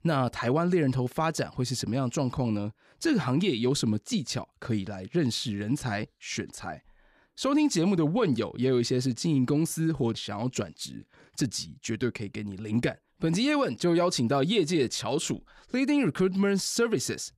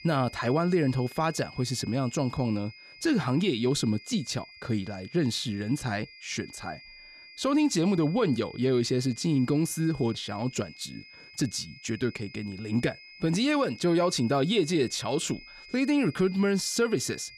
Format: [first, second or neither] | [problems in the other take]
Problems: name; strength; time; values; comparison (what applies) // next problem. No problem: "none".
first | high-pitched whine; noticeable; throughout; 5 kHz, 20 dB below the speech